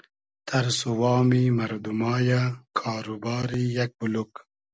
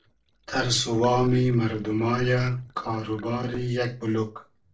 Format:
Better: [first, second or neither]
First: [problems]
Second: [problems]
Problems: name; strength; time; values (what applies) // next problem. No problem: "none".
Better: first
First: none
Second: noise reduction (neural separator model SepFormer DNS4)